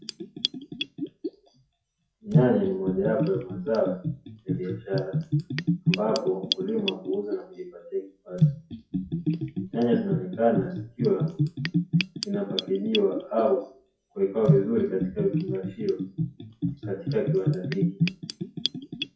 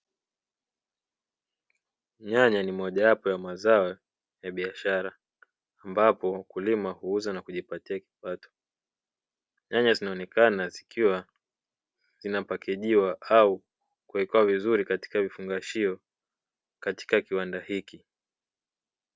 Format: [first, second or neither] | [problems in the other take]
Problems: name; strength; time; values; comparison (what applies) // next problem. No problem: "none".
second | noise reduction (classical method WPE with log-MMSE)